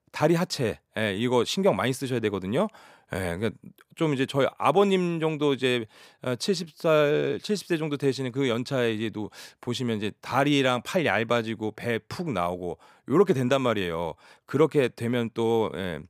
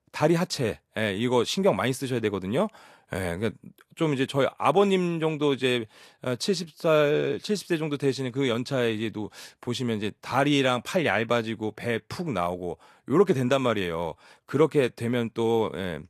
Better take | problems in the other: first | garbled, watery; slightly; nothing above 13 kHz

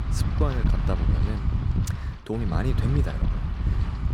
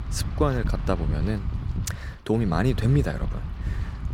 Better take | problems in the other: second | wind noise on the microphone; heavy; 2 dB below the speech; occasional gusts in the second

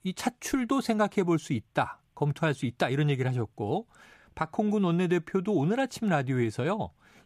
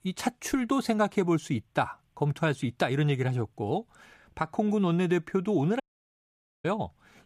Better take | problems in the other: first | audio cutting out; at 6 s for 1 s

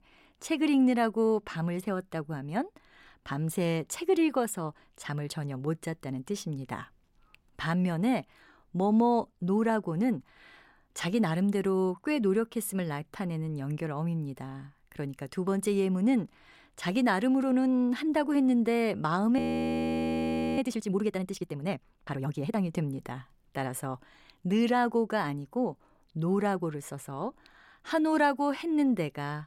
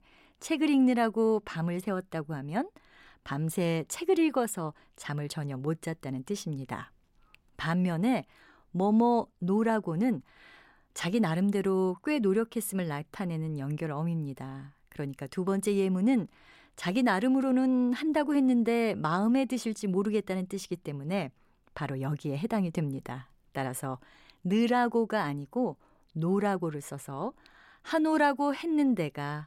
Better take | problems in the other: second | audio freezing; at 19 s for 1 s

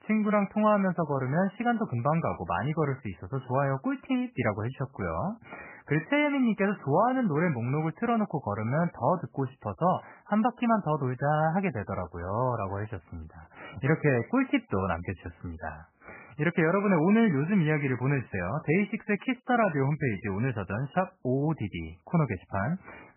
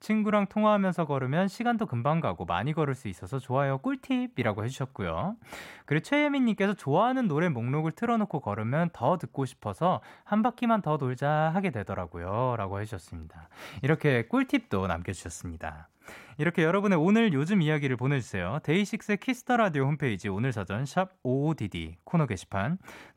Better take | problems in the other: second | garbled, watery; badly; nothing above 3 kHz

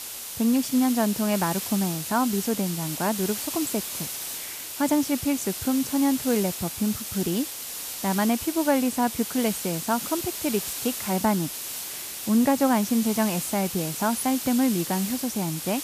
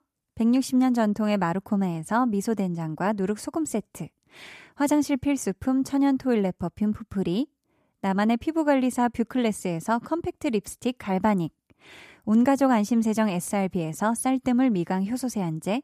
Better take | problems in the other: second | hiss; loud; throughout; 5 dB below the speech

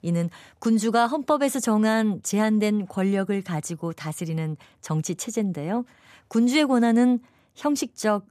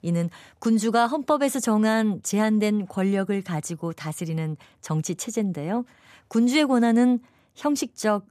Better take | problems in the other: neither | none

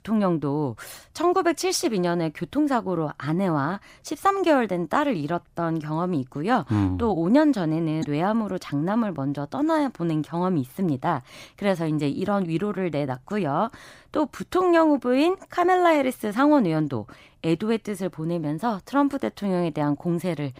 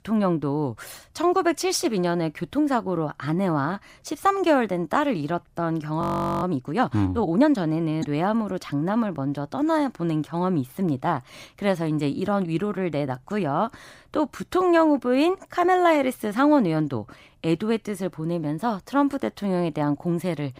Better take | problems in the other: first | audio freezing; at 6 s

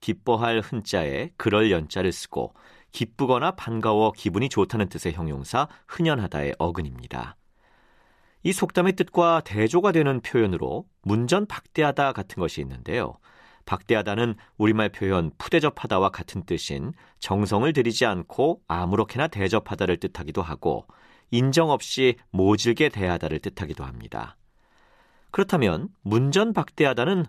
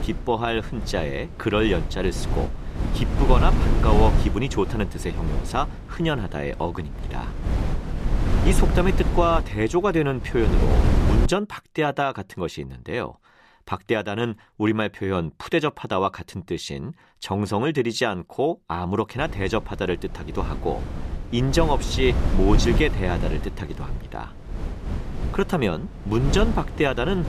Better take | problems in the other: first | wind noise on the microphone; heavy; until 11 s and from 19 s on; 8 dB below the speech

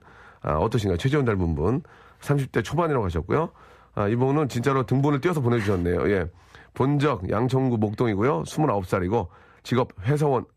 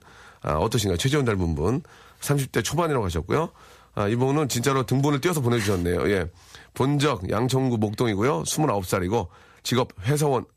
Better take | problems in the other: second | muffled; slightly; fading above 3 kHz

